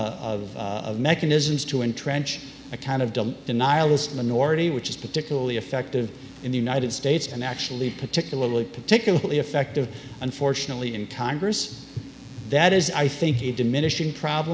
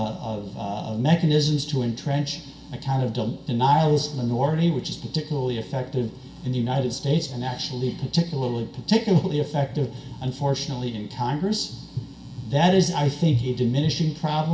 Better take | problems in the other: first | room echo; dies away in 0.2 s

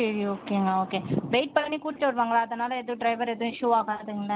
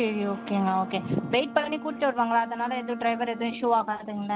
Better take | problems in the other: first | background sound (Bowed string instrument); 13 dB below the speech

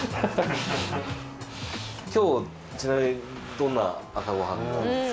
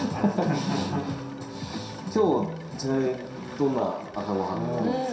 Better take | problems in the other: first | background sound (Wind chime); 19 dB below the speech // room echo; dies away in 0.7 s

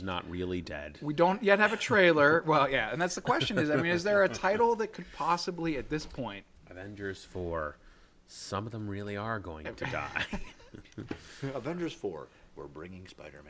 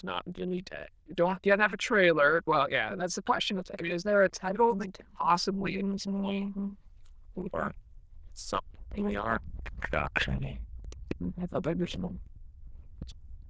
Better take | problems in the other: first | noise reduction (neural diffusion model UNIVERSE++)

